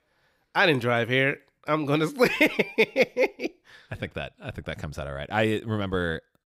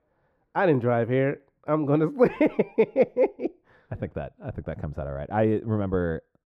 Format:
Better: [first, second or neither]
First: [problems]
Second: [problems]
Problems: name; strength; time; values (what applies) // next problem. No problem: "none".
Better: first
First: none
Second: muffled; very; fading above 2 kHz